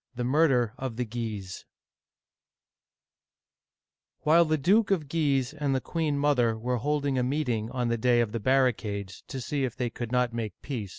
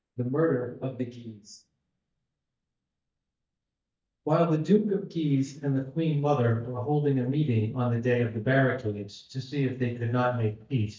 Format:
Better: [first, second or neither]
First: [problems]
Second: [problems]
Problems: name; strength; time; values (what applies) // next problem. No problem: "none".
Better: first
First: none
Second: noise reduction (neural mask model DeepFilterNet 3)